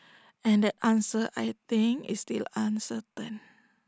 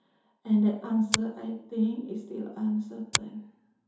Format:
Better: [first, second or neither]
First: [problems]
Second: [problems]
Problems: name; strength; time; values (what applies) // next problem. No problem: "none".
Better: first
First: none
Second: background sound (Finger snapping); 6 dB below the speech // room echo; dies away in 2.8 s